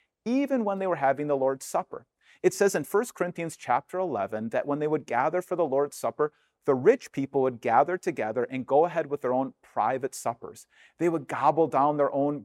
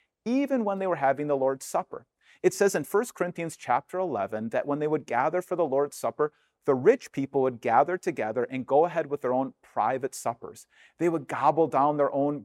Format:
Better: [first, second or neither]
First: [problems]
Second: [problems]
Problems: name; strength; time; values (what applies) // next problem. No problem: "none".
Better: neither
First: none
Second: none